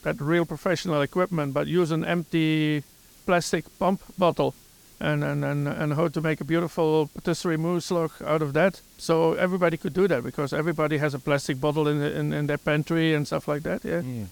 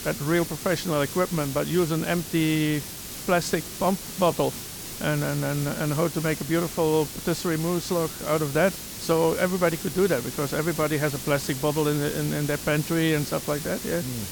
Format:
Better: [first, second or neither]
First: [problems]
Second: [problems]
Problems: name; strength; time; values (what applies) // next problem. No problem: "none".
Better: first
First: hiss; faint; throughout; 25 dB below the speech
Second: hiss; loud; throughout; 8 dB below the speech